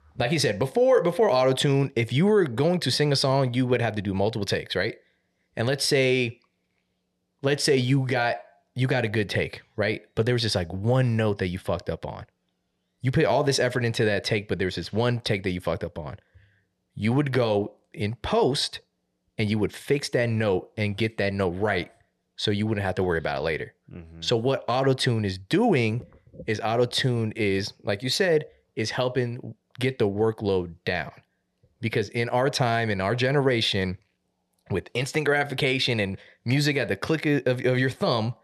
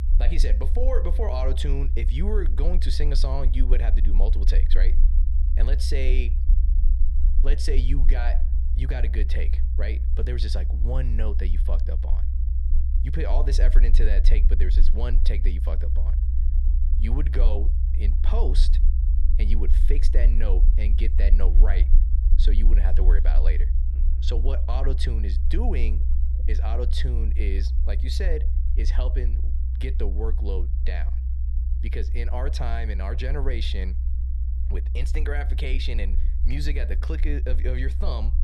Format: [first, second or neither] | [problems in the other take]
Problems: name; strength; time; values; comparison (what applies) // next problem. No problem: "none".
first | low rumble; loud; throughout; 10 dB below the speech